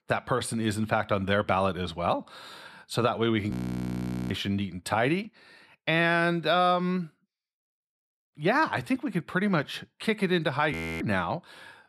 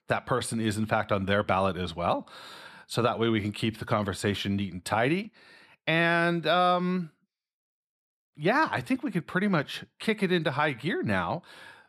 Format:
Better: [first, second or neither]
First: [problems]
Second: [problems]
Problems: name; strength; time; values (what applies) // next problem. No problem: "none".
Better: second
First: audio freezing; at 3.5 s for 1 s and at 11 s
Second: none